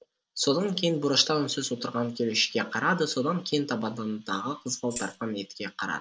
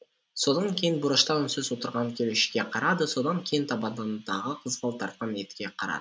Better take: second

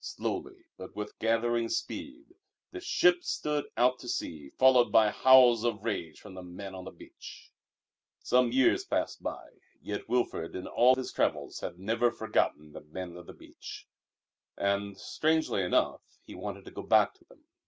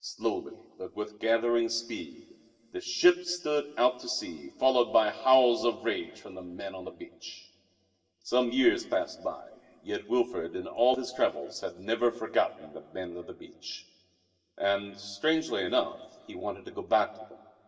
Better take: first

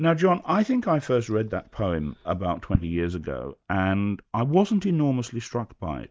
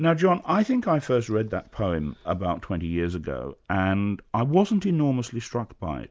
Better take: second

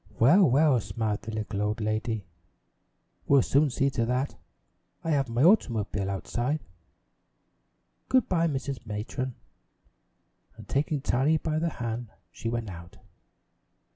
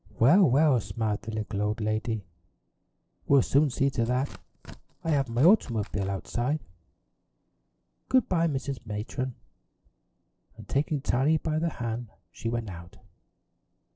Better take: first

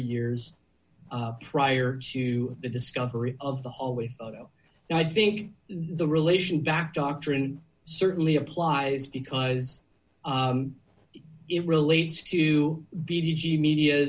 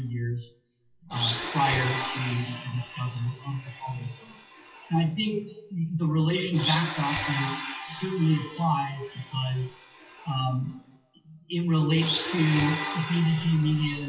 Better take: first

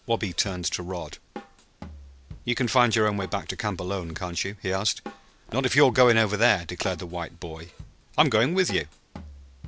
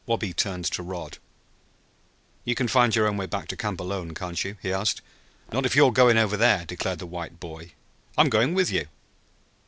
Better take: second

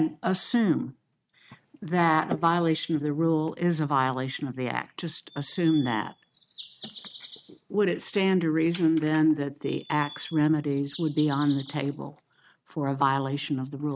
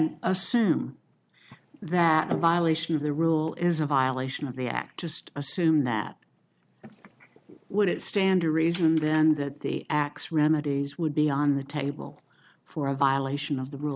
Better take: second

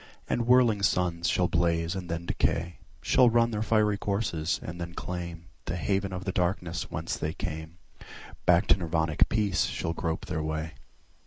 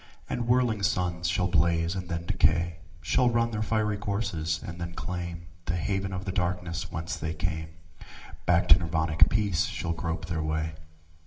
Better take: first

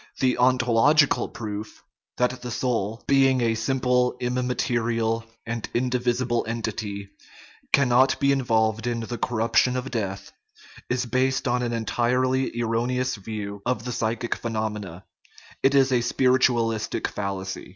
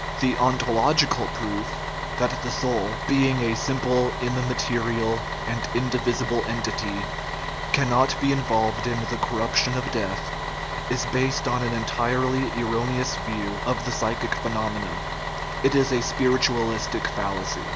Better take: first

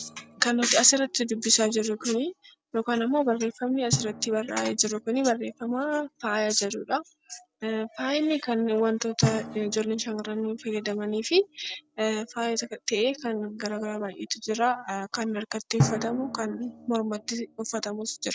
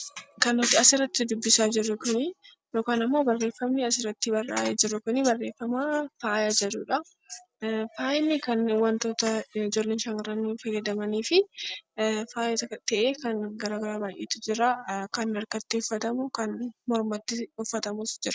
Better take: second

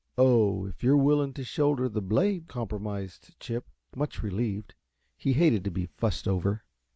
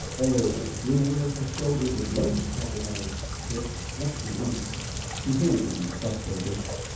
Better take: first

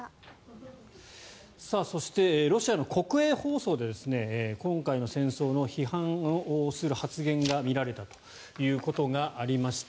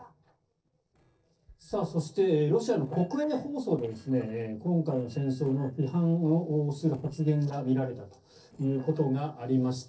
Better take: first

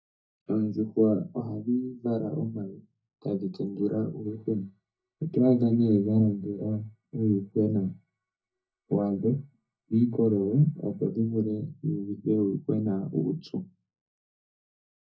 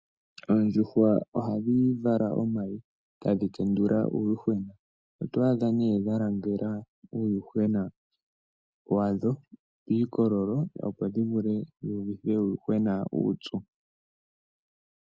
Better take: second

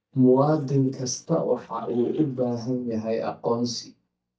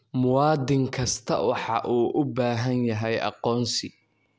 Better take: second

